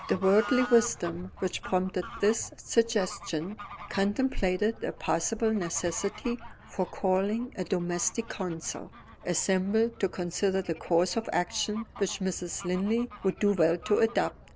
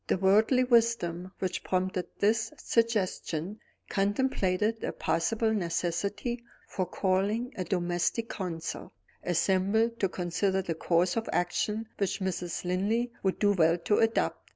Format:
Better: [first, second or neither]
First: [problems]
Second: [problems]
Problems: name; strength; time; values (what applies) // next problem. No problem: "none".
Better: second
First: background sound (Bird / Fowl); 16 dB below the speech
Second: none